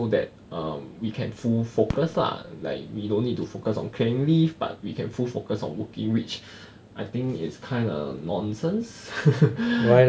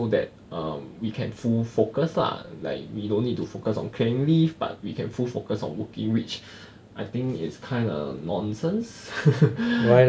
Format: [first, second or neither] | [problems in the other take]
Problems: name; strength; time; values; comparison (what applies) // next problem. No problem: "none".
second | background sound (Fireworks); 18 dB below the speech